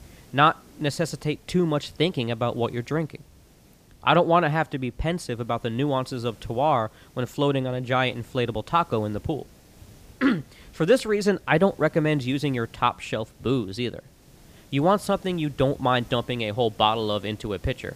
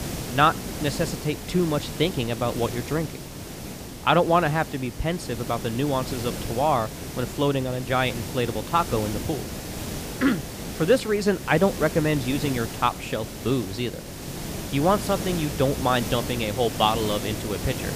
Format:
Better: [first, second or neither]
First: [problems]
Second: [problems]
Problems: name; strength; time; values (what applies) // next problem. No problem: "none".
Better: first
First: hiss; faint; throughout; 30 dB below the speech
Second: hiss; loud; throughout; 8 dB below the speech